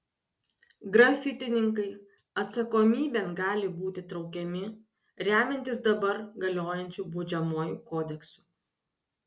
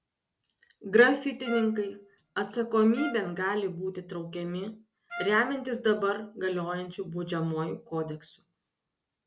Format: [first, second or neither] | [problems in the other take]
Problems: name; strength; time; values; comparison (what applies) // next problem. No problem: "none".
first | background sound (Trumpet); 14 dB below the speech